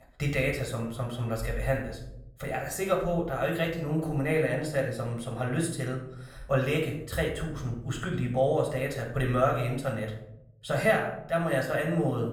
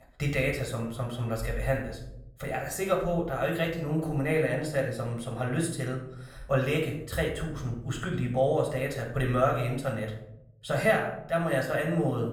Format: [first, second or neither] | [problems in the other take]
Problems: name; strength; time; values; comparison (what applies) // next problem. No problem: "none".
neither | off-mic speech; far; the same in both // room echo; slight; dies away in 0.7 s; the same in both